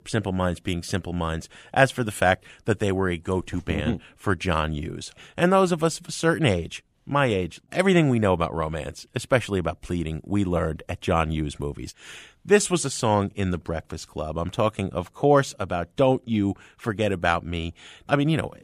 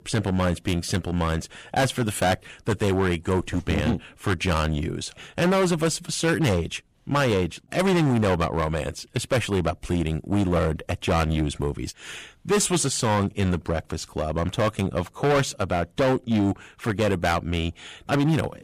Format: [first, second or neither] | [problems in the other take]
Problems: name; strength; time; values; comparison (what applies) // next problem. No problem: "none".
first | distortion; heavy; 11% of the sound clipped